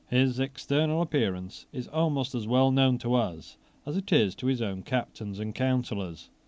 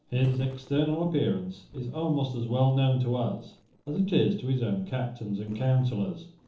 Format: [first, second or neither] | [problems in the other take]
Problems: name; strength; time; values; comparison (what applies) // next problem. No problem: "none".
first | noise reduction (neural separator model SepFormer DNS4)